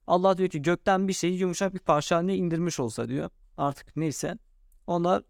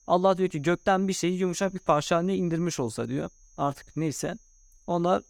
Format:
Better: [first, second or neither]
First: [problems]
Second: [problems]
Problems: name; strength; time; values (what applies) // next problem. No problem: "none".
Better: first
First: none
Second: high-pitched whine; faint; throughout; 6.5 kHz, 30 dB below the speech